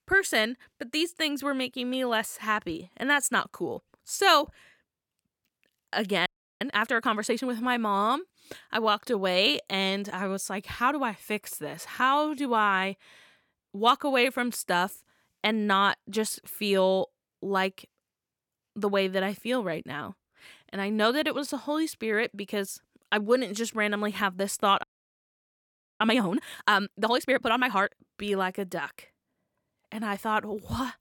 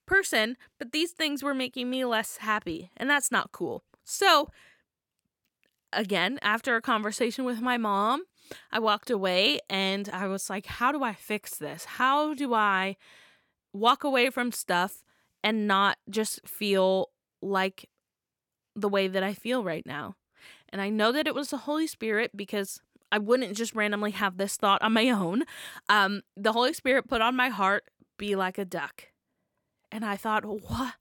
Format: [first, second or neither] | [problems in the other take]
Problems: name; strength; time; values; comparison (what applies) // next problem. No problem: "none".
second | audio freezing; at 6.5 s and at 25 s for 1 s